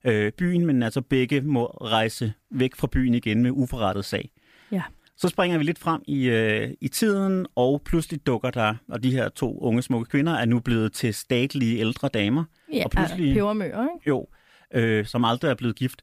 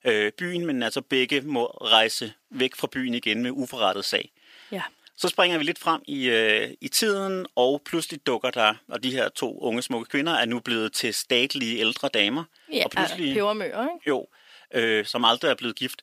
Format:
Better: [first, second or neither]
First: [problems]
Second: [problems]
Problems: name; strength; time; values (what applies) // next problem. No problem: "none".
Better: first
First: none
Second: thin; somewhat; fading below 400 Hz